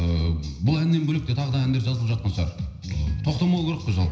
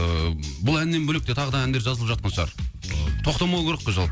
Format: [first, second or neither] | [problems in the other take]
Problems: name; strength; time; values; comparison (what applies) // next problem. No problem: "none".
second | room echo; dies away in 0.9 s